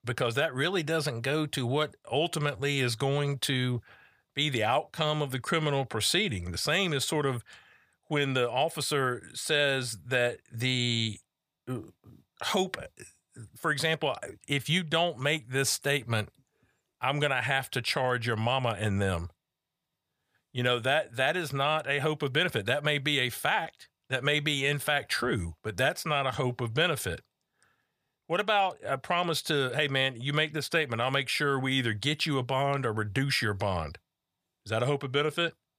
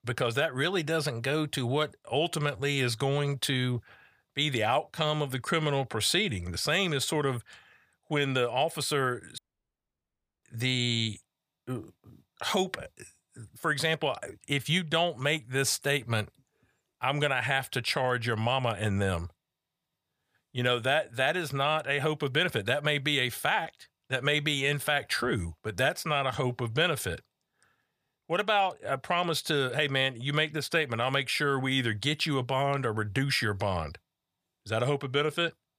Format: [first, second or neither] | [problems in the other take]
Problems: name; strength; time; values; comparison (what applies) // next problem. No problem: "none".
first | audio cutting out; at 9.5 s for 1 s